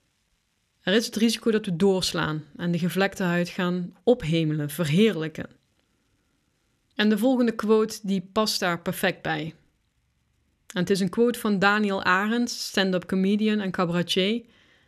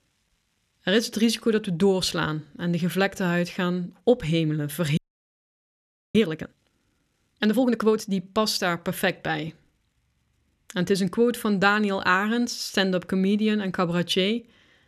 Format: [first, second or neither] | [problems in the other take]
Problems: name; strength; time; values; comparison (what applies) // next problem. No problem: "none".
first | audio freezing; at 5 s for 1 s